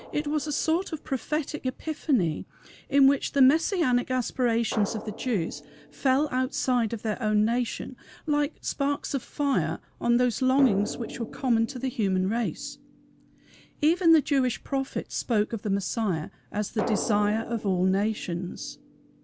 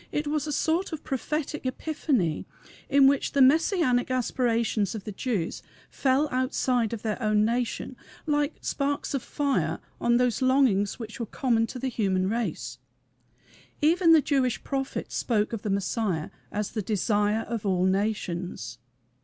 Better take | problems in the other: second | background sound (Drum); 16 dB below the speech

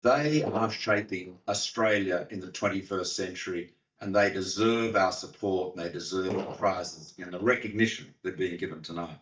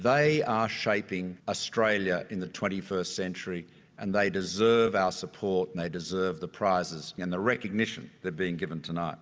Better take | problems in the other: second | noise reduction (neural mask model DeepFilterNet 3)

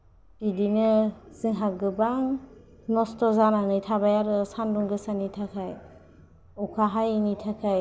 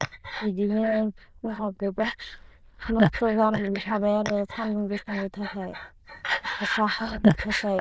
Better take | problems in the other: first | noise reduction (neural diffusion model UNIVERSE++)

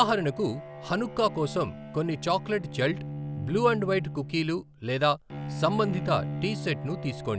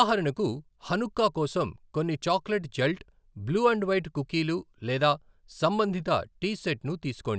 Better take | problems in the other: second | background sound (Bowed string instrument); 9 dB below the speech

